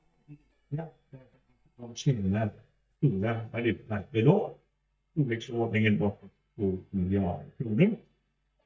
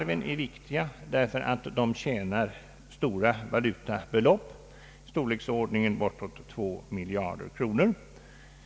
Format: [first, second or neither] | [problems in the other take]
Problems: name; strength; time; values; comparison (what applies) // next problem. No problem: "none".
second | noise reduction (neural mask model DeepFilterNet 3)